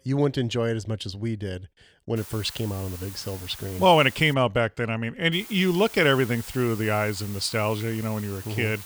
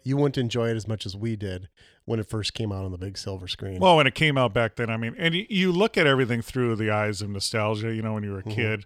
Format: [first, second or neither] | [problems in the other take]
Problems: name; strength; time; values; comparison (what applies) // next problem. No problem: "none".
second | hiss; noticeable; from 2 to 4.5 s and from 5.5 s on; 15 dB below the speech